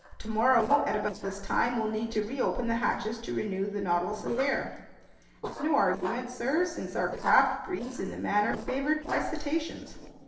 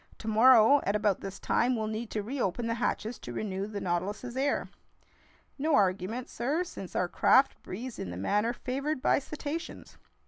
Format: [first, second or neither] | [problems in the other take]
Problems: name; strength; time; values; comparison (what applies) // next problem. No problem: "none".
second | noise reduction (neural separator model SepFormer DNS4)